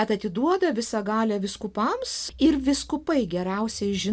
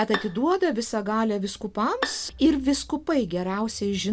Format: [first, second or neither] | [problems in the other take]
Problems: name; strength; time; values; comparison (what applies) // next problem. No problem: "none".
first | background sound (Bowed string instrument); 14 dB below the speech